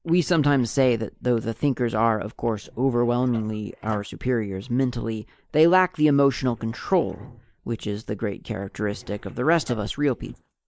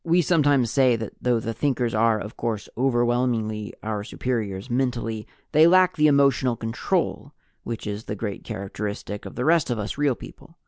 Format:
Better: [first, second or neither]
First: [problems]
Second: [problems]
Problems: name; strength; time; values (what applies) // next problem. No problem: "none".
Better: second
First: noise reduction (neural mask model Resemble Enhance denoiser)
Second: none